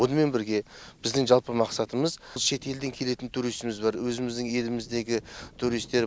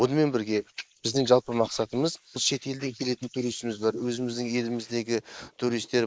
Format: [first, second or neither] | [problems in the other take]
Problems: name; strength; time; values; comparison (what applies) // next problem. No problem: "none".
first | noise reduction (neural mask model Resemble Enhance denoiser)